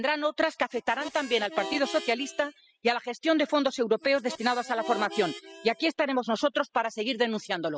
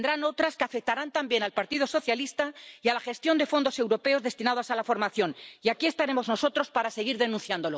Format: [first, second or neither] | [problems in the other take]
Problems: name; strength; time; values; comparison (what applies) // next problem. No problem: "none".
second | noise reduction (classical method spectral subtraction)